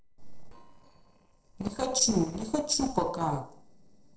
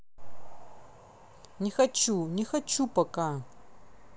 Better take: second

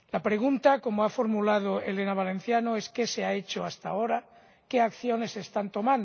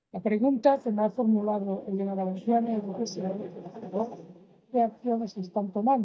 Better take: first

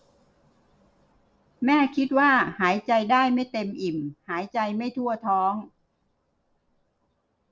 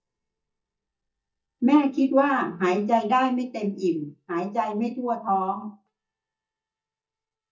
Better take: first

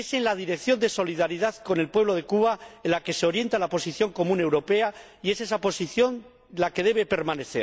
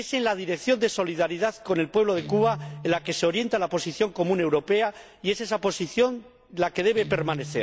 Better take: first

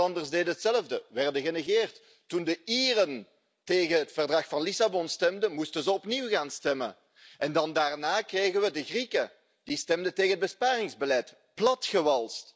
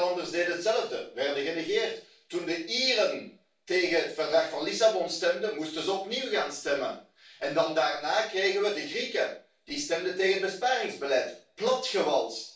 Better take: first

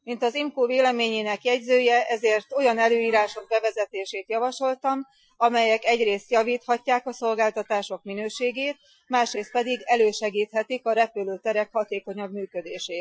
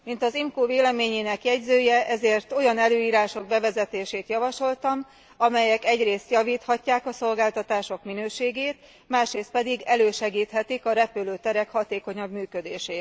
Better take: second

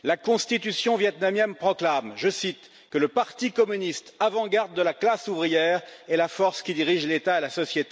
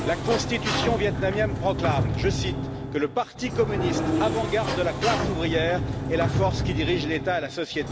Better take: first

